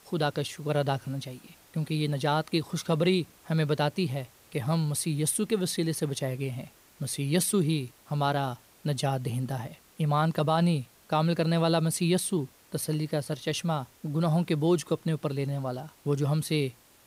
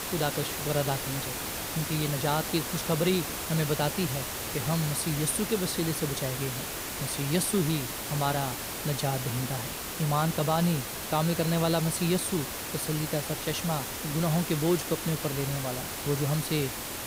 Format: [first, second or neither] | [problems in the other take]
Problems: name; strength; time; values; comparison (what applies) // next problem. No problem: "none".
first | hiss; loud; throughout; 3 dB below the speech; faint in the first